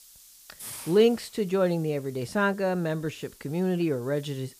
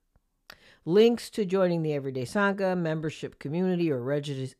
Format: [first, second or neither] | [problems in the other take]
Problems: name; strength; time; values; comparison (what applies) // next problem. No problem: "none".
second | hiss; noticeable; throughout; 20 dB below the speech